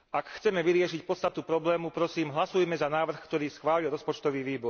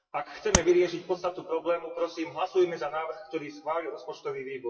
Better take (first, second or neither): first